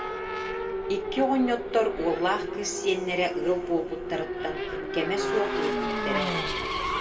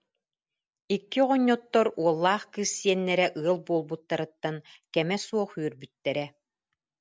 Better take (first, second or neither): second